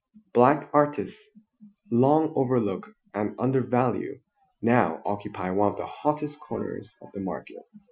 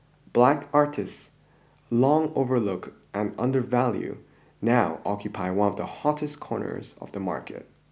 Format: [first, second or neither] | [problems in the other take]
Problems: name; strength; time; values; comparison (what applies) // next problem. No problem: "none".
second | noise reduction (classical method Wiener filter)